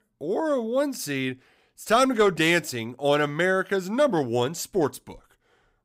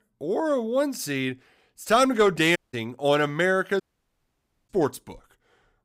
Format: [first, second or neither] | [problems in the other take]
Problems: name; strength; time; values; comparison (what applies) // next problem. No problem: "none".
first | audio cutting out; at 2.5 s and at 4 s for 1 s